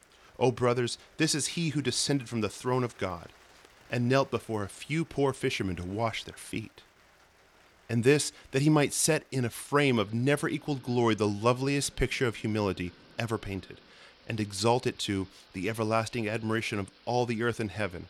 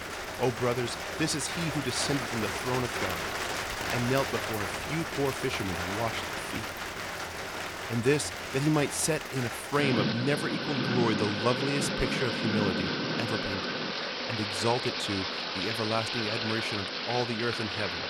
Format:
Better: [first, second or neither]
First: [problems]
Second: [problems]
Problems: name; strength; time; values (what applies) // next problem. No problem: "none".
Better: first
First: rain or running water; faint; throughout; 25 dB below the speech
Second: rain or running water; loud; throughout; 1 dB below the speech